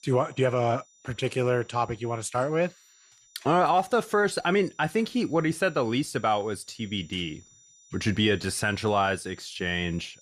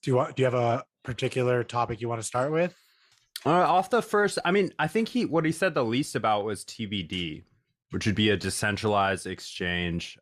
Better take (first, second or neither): second